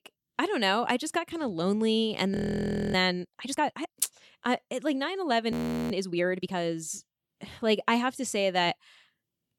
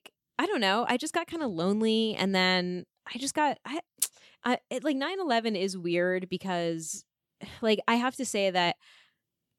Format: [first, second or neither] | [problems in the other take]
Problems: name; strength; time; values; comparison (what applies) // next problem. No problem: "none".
second | audio freezing; at 2.5 s for 0.5 s and at 5.5 s